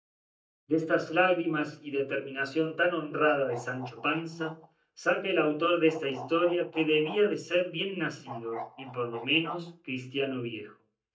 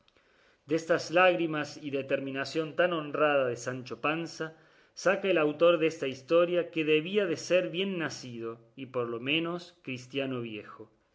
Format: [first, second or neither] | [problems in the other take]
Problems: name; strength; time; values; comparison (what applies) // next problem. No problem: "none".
second | noise reduction (neural mask model DeepFilterNet 3)